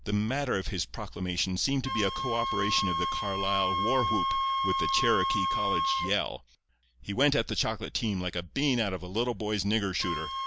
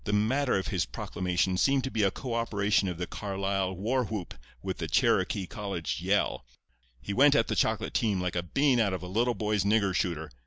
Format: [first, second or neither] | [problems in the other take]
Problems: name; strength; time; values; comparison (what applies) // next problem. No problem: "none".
second | background sound (Wind instrument, woodwind instrument); 2 dB below the speech